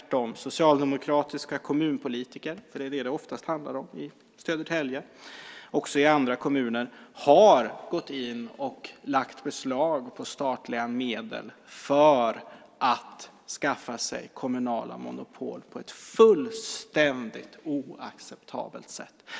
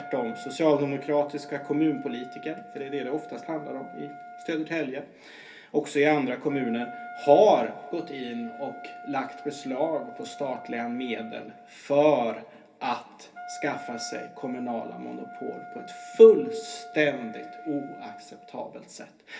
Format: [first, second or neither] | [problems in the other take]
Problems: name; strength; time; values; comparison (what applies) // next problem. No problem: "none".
first | background sound (Wind instrument, woodwind instrument); 17 dB below the speech // room echo; dies away in 0.3 s